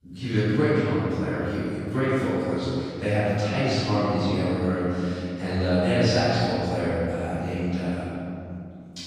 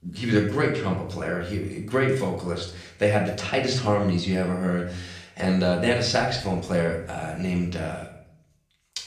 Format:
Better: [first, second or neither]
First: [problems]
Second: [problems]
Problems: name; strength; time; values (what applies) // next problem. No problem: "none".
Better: second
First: room echo; strong; dies away in 3 s // off-mic speech; far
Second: room echo; slight; dies away in 0.5 s // off-mic speech; far